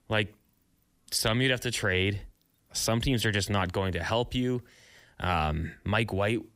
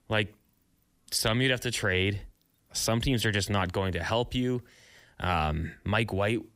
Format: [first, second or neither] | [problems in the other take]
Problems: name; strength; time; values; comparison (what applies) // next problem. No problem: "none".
neither | none